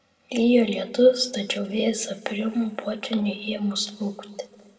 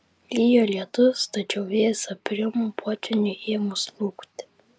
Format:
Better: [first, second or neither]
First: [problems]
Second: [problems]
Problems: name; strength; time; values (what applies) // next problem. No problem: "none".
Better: second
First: room echo; dies away in 1.2 s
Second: none